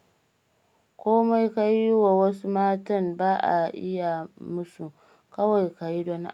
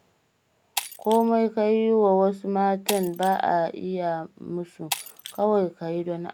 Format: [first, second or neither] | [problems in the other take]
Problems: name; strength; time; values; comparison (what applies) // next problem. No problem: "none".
first | background sound (Shatter); 15 dB below the speech